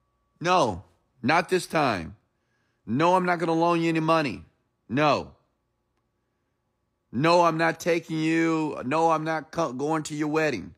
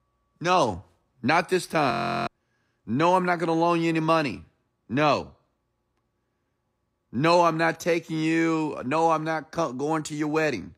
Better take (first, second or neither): first